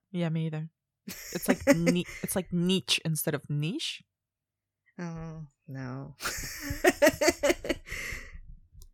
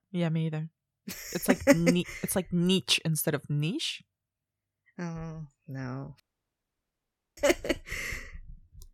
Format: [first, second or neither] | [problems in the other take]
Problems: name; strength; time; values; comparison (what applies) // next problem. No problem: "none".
first | audio cutting out; at 6 s for 1 s